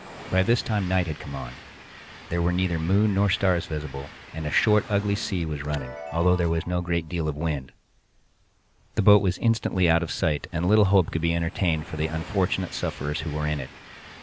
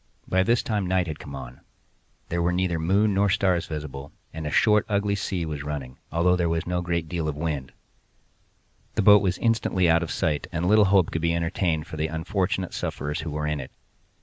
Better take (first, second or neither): second